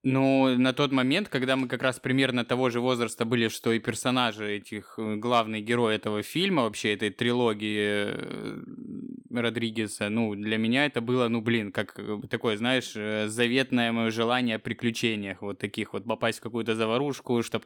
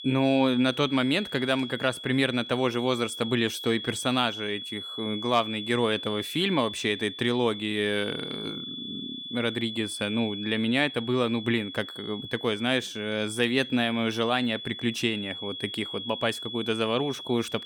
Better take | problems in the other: first | high-pitched whine; loud; throughout; 3.5 kHz, 9 dB below the speech

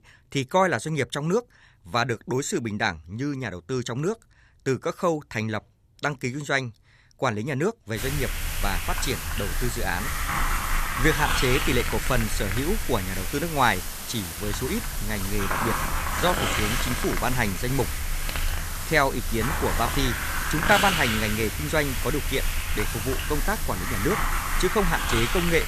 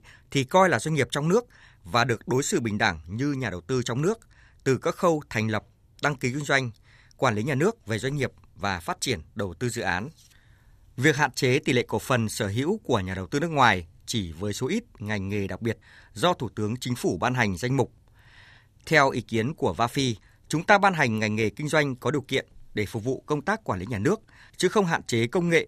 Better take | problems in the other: second | hiss; loud; from 8 s on; 1 dB below the speech

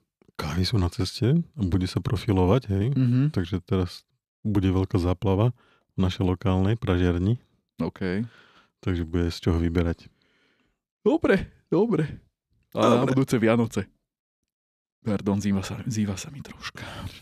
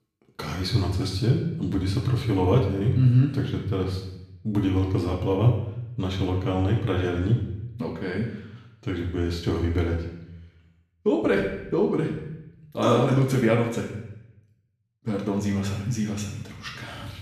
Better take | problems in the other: first | room echo; noticeable; dies away in 0.8 s // off-mic speech; far

